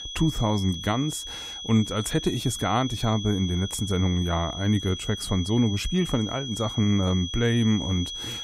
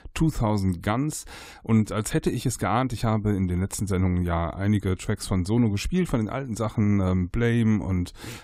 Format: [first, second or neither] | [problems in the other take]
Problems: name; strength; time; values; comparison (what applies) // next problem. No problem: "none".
second | high-pitched whine; loud; throughout; 3.5 kHz, 8 dB below the speech